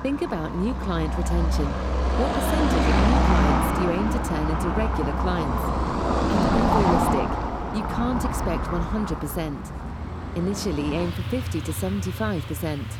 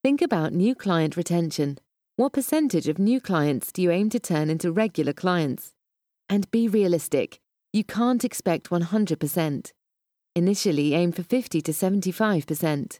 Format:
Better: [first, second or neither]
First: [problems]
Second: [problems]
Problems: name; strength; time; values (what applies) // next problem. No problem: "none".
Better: second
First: traffic noise; very loud; throughout; 3 dB above the speech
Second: none